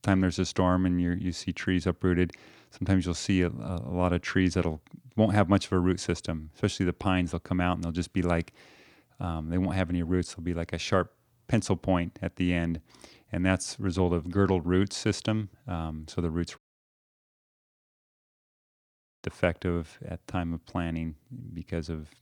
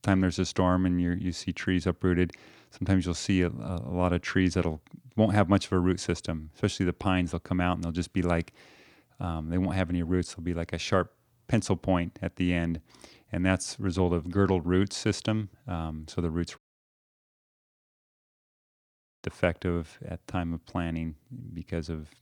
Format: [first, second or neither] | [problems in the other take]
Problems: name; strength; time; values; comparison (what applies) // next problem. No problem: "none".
neither | audio cutting out; at 17 s for 2.5 s; the same in both